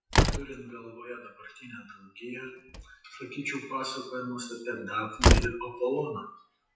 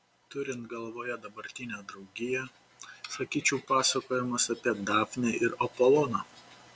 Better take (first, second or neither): second